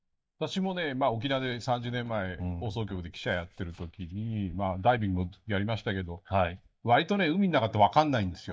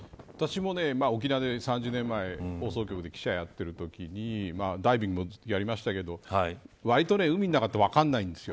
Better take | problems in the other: second | noise reduction (neural mask model DeepFilterNet 3)

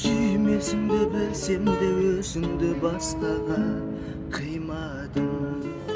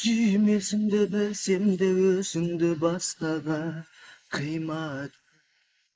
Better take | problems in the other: first | noise reduction (neural mask model Resemble Enhance denoiser)

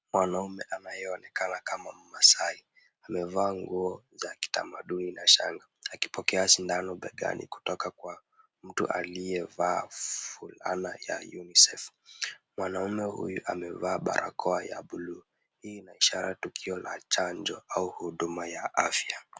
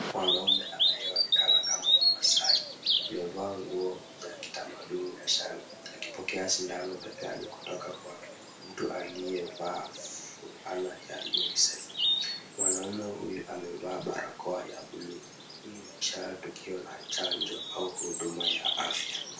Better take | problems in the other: first | background sound (Bird vocalization, bird call, bird song); 3 dB above the speech // room echo; dies away in 0.3 s

